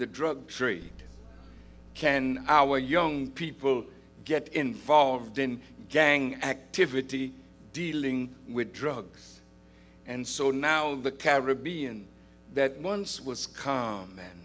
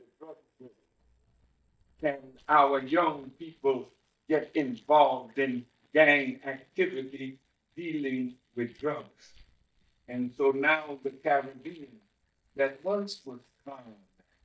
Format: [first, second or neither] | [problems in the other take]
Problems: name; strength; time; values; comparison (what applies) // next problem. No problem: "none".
first | noise reduction (neural mask model DeepFilterNet 3)